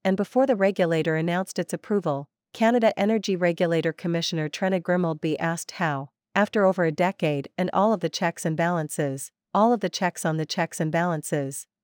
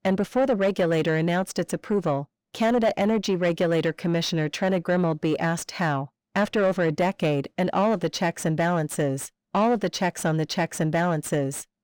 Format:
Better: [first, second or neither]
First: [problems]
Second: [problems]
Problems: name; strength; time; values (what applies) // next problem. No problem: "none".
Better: first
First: none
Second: distortion; slight; 10 dB below the speech